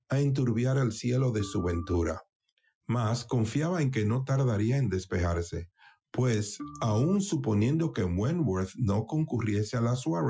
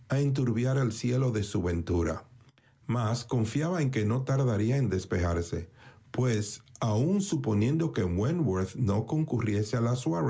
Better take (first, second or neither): second